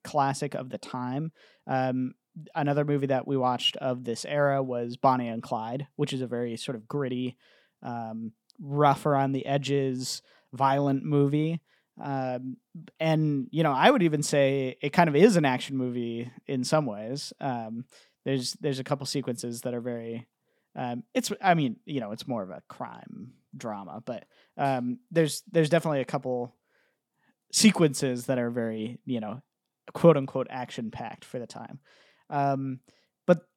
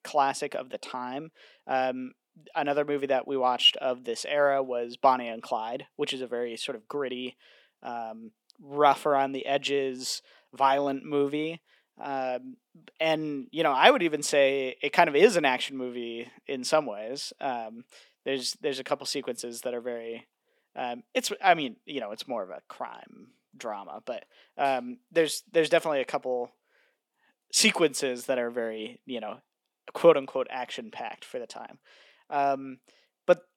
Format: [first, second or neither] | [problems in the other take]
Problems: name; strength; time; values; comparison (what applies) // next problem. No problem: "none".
first | thin; somewhat; fading below 450 Hz